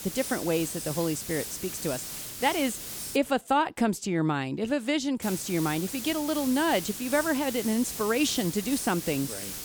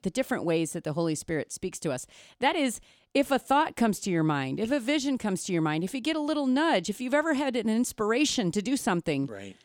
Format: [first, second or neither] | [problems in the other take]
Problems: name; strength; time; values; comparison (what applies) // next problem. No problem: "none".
second | hiss; loud; until 3 s and from 5 s on; 7 dB below the speech